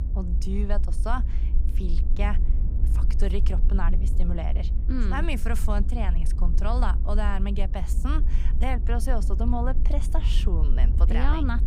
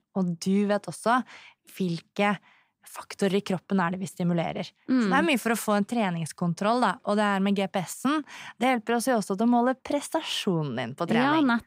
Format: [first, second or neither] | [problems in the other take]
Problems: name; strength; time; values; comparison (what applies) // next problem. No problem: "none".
second | low rumble; noticeable; throughout; 10 dB below the speech